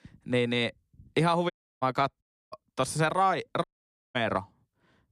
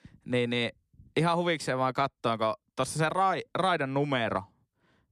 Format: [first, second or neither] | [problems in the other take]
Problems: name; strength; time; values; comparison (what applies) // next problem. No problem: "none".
second | audio cutting out; at 1.5 s, at 2 s and at 3.5 s